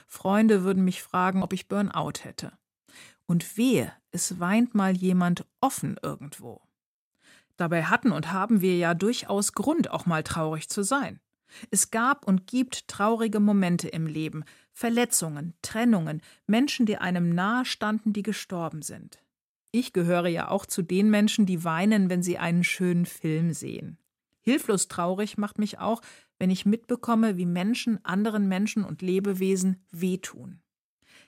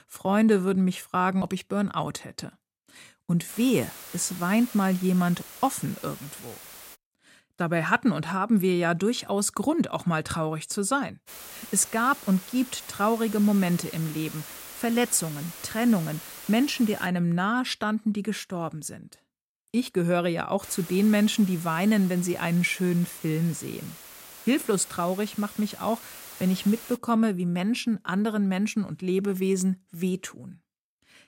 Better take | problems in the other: first | hiss; noticeable; from 3.5 to 7 s, from 11 to 17 s and from 21 to 27 s; 15 dB below the speech

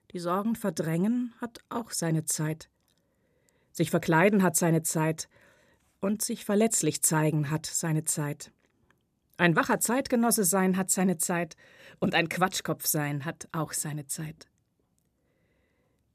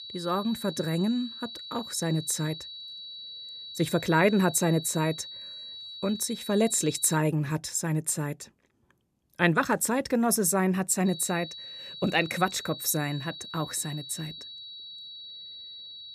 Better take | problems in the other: first | high-pitched whine; noticeable; until 7 s and from 11 s on; 4 kHz, 10 dB below the speech

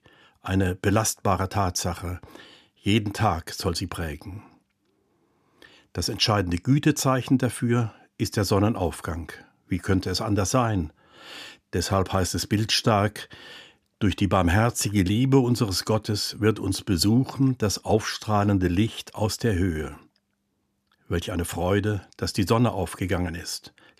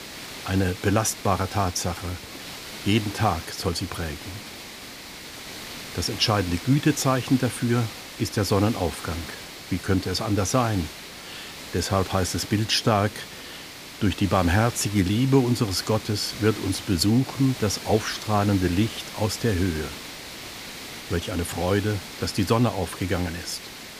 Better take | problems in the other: first | hiss; noticeable; throughout; 10 dB below the speech

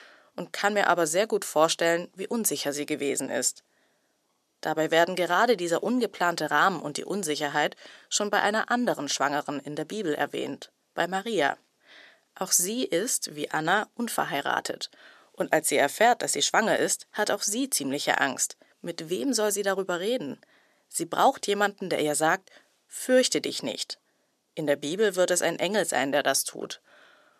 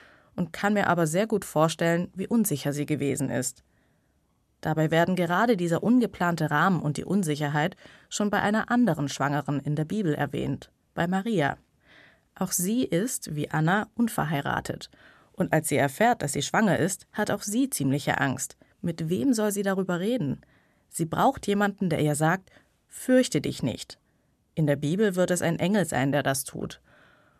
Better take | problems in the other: second | thin; somewhat; fading below 400 Hz

